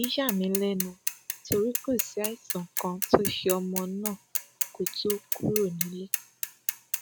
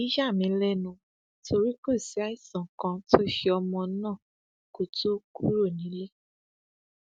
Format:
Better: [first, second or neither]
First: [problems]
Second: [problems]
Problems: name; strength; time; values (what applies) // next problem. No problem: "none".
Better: second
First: background sound (Mechanisms / Bicycle); 4 dB below the speech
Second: none